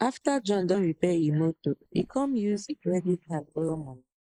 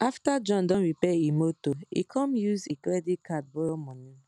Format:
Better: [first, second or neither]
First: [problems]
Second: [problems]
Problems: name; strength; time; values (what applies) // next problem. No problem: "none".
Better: second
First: noise reduction (neural mask model Resemble Enhance denoiser)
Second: none